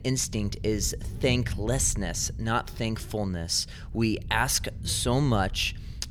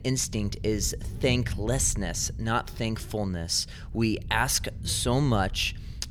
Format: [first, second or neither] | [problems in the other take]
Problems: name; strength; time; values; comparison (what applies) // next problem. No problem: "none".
neither | rain or running water; noticeable; throughout; 10 dB below the speech; the same in both